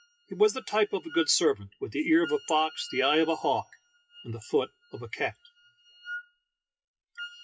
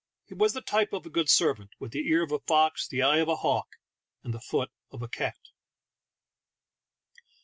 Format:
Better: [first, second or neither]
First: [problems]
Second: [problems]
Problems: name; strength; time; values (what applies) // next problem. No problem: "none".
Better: second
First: noise reduction (classical method WPE with log-MMSE)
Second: none